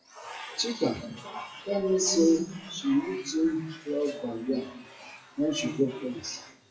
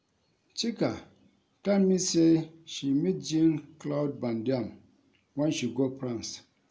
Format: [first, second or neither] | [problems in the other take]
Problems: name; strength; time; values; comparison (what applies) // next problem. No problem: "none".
second | noise reduction (classical method WPE with log-MMSE)